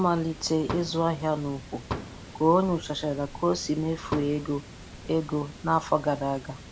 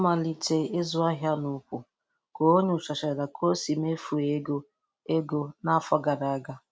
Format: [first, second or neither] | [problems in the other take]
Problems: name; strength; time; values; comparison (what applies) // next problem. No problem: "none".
second | background sound (Fireworks + Water); 13 dB below the speech